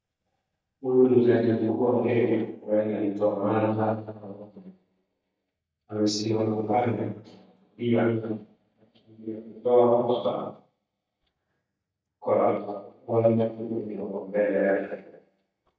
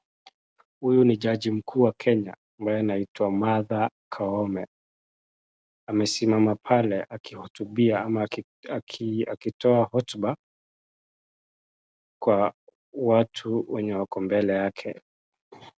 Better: second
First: noise reduction (neural mask model DeepFilterNet 3)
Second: none

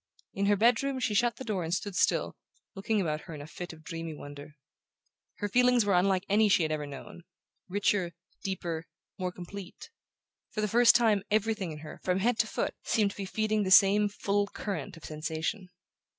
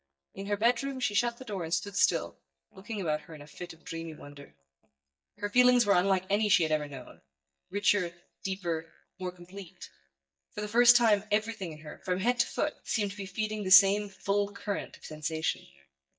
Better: first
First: none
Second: noise reduction (neural mask model DeepFilterNet 3)

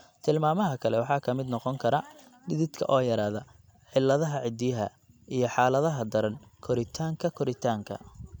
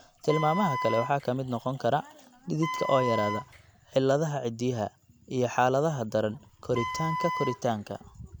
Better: first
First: none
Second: background sound (Wind instrument, woodwind instrument); 6 dB below the speech

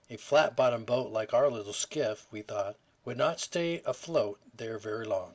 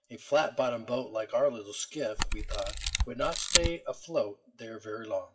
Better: first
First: none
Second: noise reduction (classical method WPE with log-MMSE)

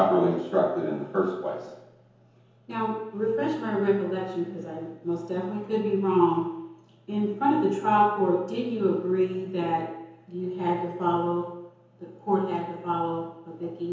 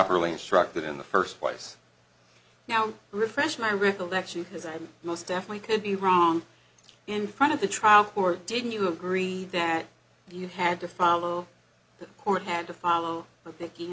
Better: second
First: room echo; dies away in 1 s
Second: none

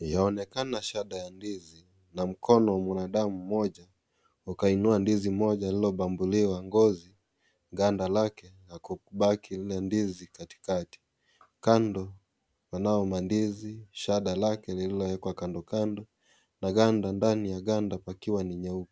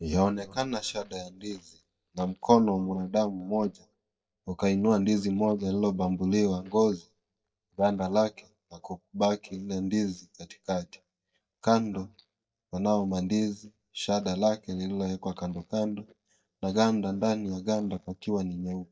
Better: first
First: none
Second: noise reduction (neural mask model DeepFilterNet 3)

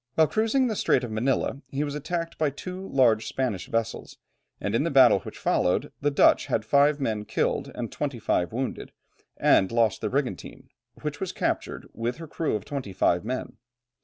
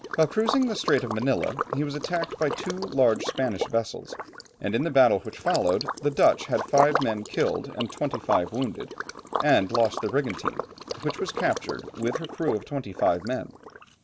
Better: first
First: none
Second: background sound (Liquid); 8 dB below the speech

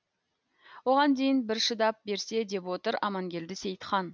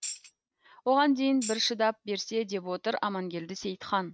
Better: first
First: none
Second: noise reduction (neural mask model RNNoise)

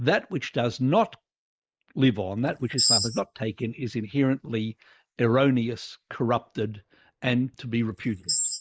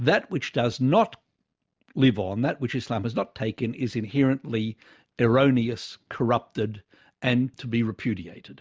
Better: second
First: noise reduction (neural mask model Resemble Enhance denoiser)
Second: none

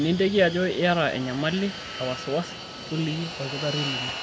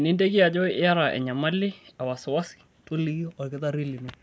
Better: second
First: background sound (Fixed-wing aircraft, airplane); 9 dB below the speech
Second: none

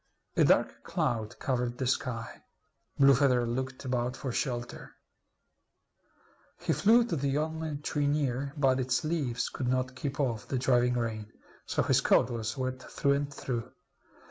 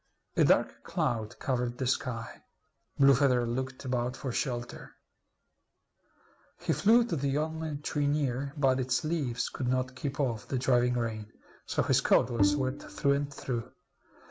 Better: first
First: none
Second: background sound (Bowed string instrument); 3 dB below the speech

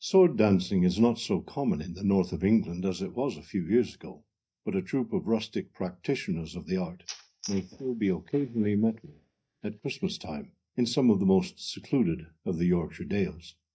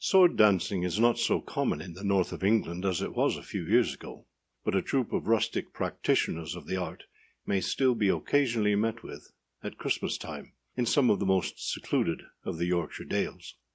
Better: second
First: noise reduction (neural mask model DeepFilterNet 3)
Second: none

